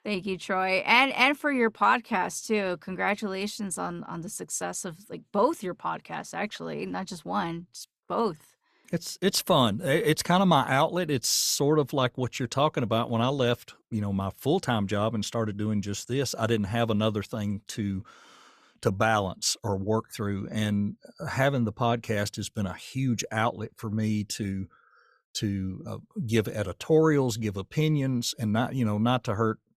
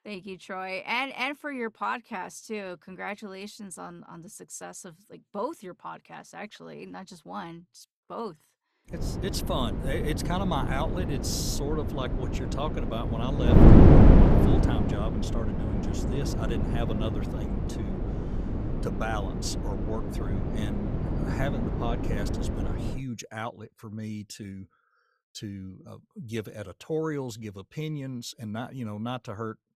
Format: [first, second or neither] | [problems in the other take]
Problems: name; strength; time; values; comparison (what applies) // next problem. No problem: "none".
first | wind noise on the microphone; heavy; from 9 to 23 s; 3 dB above the speech